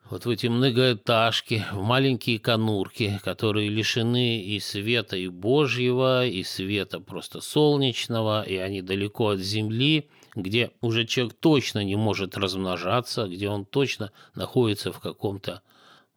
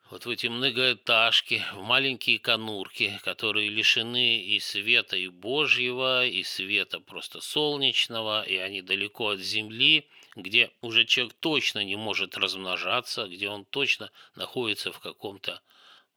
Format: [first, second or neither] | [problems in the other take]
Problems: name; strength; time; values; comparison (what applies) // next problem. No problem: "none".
first | thin; somewhat; fading below 1 kHz